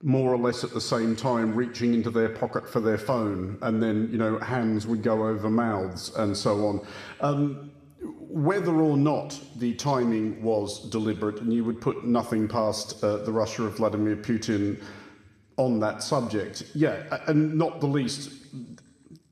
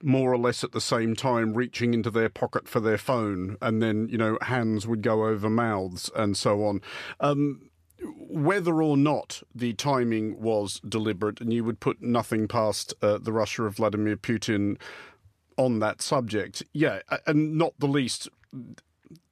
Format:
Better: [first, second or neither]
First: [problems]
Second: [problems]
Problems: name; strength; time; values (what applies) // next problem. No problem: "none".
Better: second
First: room echo; slight; dies away in 1.3 s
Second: none